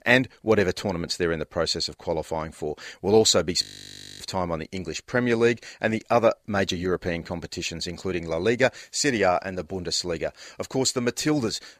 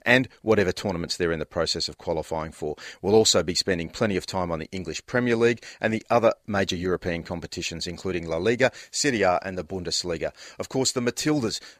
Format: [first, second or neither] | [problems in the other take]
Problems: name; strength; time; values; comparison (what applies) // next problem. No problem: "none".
second | audio freezing; at 3.5 s for 0.5 s